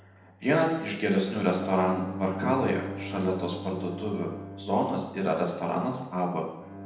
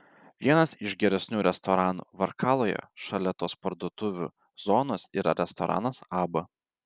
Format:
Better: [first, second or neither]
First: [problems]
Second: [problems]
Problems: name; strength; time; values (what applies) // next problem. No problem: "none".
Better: second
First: background sound (Bowed string instrument); 12 dB below the speech // room echo; dies away in 0.9 s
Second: none